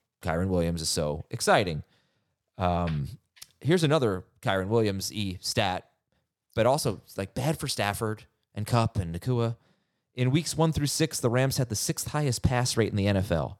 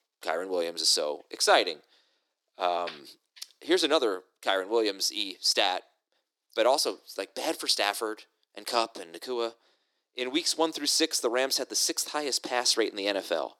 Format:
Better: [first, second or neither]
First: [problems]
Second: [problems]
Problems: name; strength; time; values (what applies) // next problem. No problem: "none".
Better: first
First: none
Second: thin; very; fading below 300 Hz